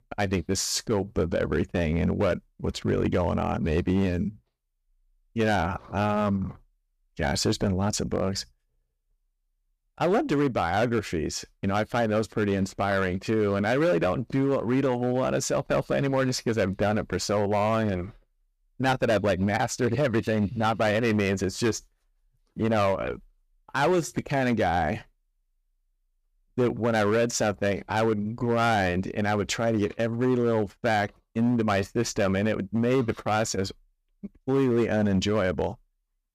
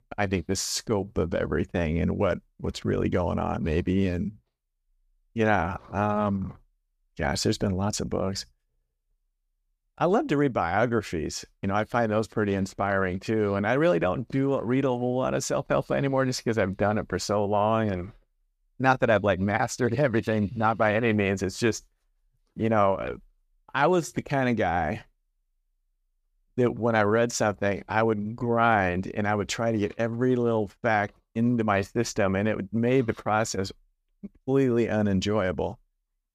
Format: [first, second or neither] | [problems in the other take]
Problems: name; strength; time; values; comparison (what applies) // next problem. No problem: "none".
second | distortion; slight; 6% of the sound clipped